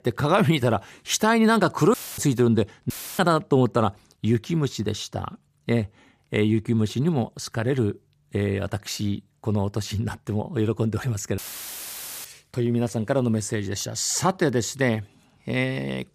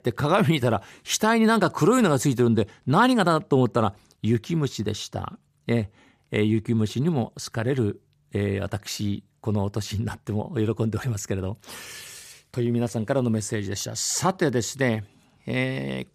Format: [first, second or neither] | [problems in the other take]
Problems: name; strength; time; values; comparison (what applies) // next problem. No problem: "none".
second | audio cutting out; filled with static; at 2 s, at 3 s and at 11 s for 1 s